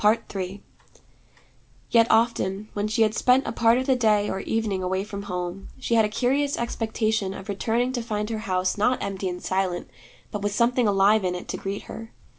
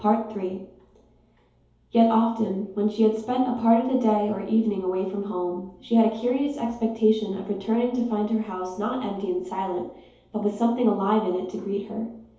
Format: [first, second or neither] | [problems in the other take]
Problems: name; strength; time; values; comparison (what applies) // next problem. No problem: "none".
first | room echo; dies away in 2.2 s